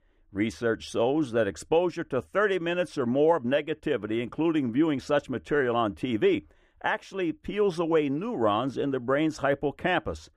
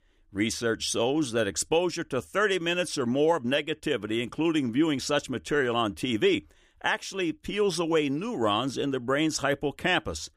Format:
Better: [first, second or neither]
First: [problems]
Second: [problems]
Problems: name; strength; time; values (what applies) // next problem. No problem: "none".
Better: second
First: muffled; slightly; fading above 3 kHz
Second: none